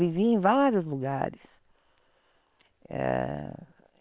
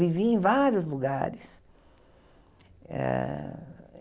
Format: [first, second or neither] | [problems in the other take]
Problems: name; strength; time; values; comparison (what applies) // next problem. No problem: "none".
second | noise reduction (neural separator model SepFormer WHAM!)